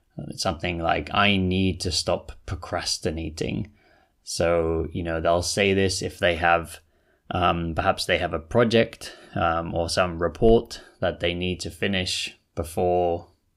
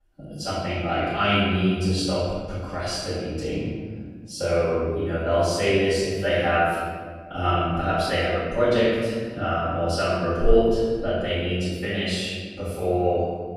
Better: first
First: none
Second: off-mic speech; far // room echo; strong; dies away in 1.6 s

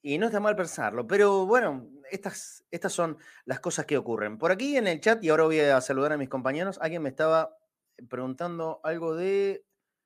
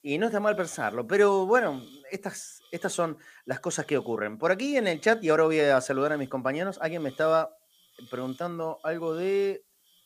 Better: first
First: none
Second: hiss; faint; throughout; 30 dB below the speech

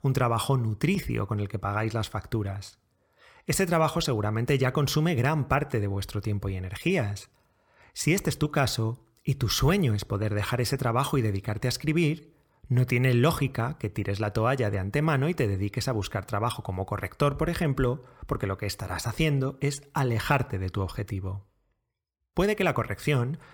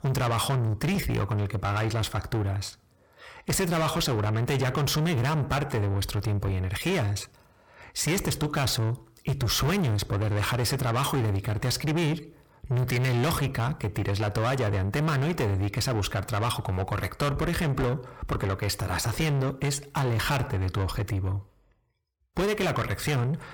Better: first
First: none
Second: distortion; heavy; 7 dB below the speech

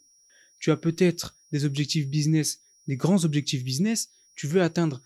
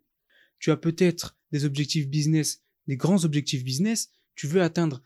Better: second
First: high-pitched whine; faint; throughout; 5.5 kHz, 30 dB below the speech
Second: none

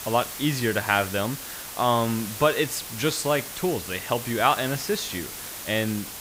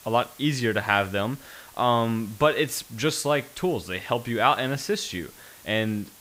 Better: second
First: hiss; loud; throughout; 8 dB below the speech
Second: hiss; faint; throughout; 20 dB below the speech

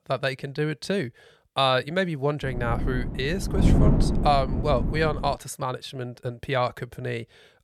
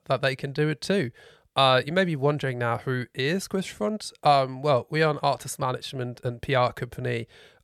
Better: second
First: wind noise on the microphone; heavy; from 2.5 to 5.5 s; 7 dB below the speech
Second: none

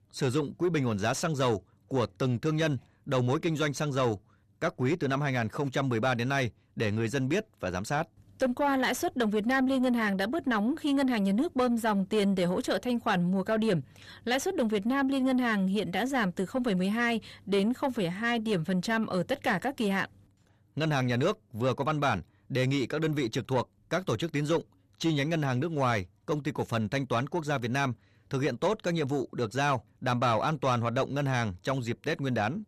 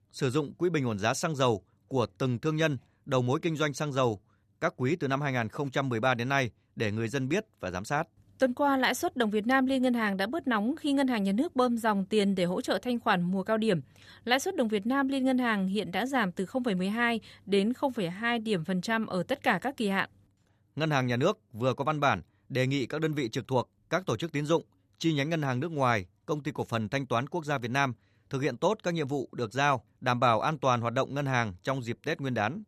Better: second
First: distortion; slight; 10 dB below the speech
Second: none

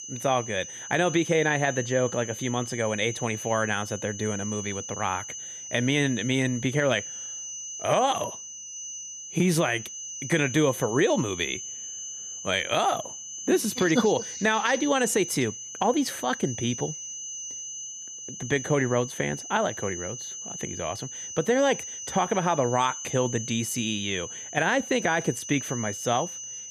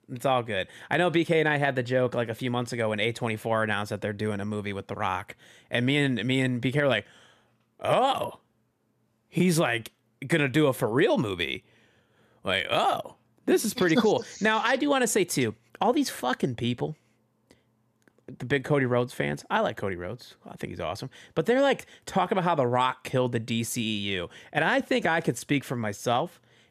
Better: second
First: high-pitched whine; loud; throughout; 6 kHz, 8 dB below the speech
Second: none

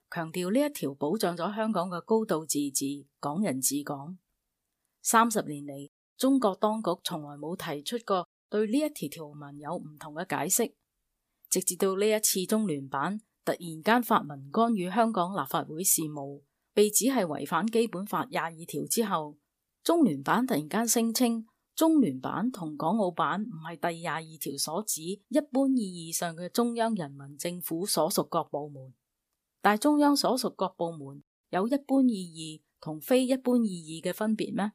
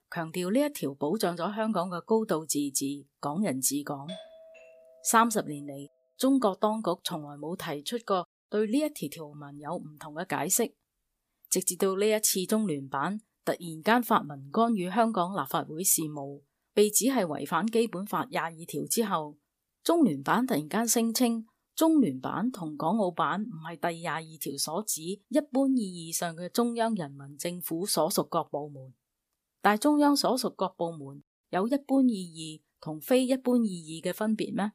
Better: first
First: none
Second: doorbell; faint; at 4 s; peak 15 dB below the speech

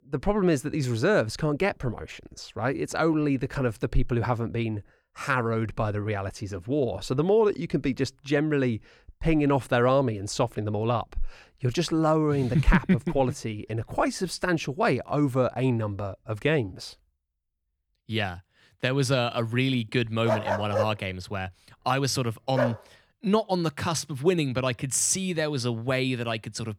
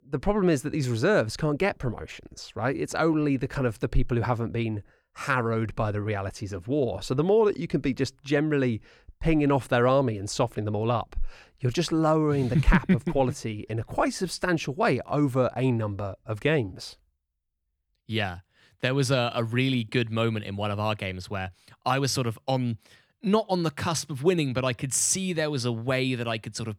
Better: second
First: dog barking; noticeable; from 20 to 23 s; peak 1 dB below the speech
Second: none

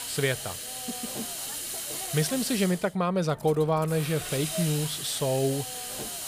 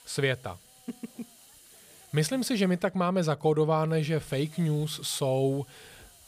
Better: second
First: hiss; loud; throughout; 5 dB below the speech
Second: hiss; faint; throughout; 25 dB below the speech

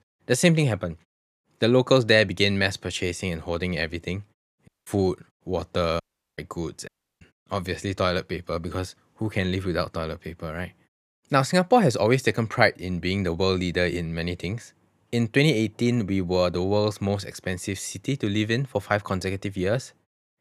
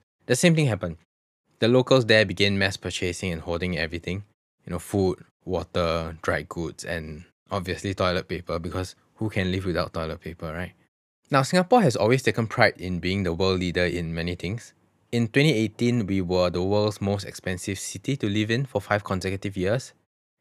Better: second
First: audio cutting out; at 4.5 s, at 6 s and at 7 s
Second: none

